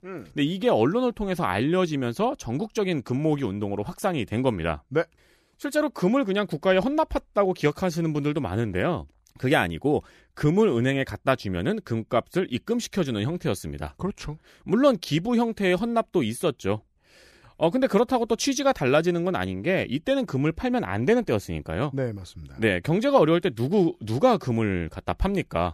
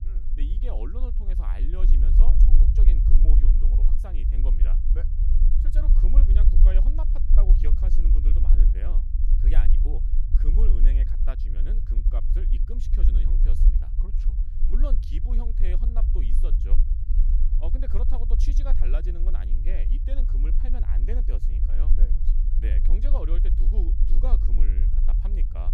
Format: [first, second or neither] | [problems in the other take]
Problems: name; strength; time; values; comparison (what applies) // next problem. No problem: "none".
first | low rumble; loud; throughout; 2 dB below the speech